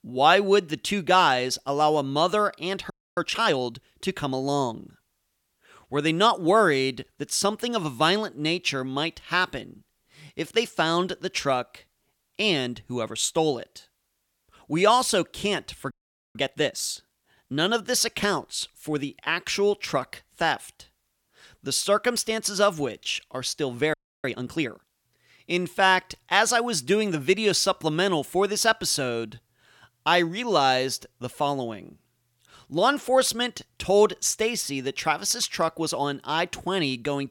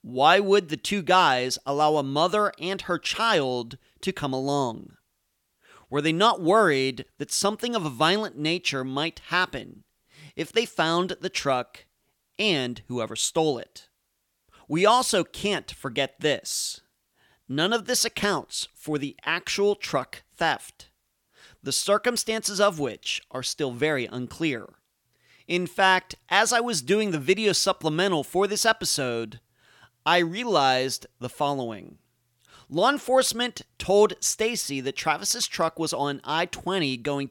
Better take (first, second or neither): second